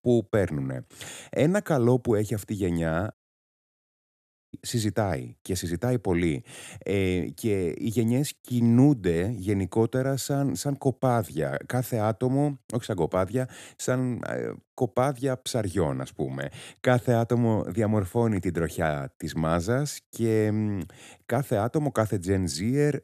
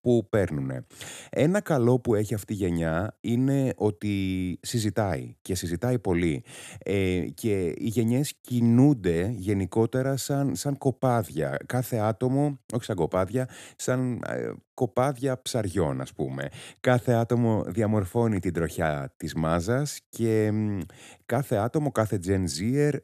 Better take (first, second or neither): second